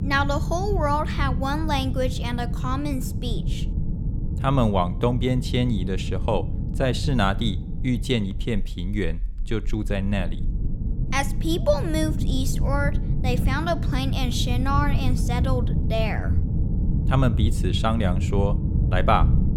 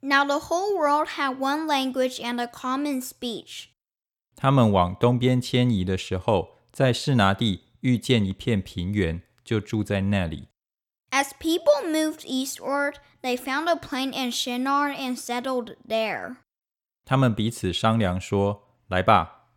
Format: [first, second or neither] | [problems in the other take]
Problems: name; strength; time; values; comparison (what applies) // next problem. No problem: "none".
second | low rumble; noticeable; throughout; 10 dB below the speech